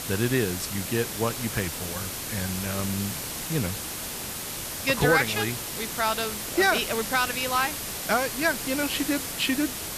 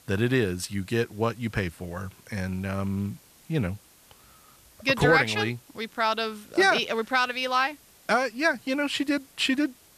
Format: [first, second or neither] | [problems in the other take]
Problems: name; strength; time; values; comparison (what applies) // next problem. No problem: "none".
second | hiss; loud; throughout; 4 dB below the speech; faint in the second